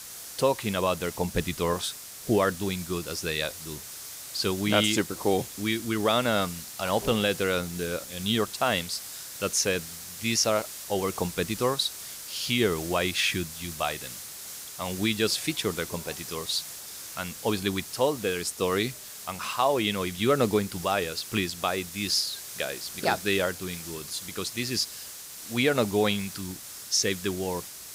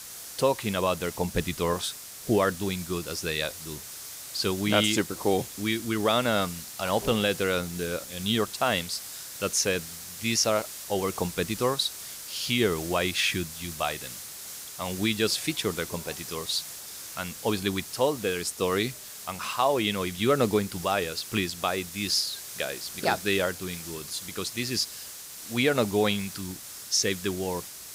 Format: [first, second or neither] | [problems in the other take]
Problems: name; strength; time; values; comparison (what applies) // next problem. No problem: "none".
neither | hiss; noticeable; throughout; 10 dB below the speech; the same in both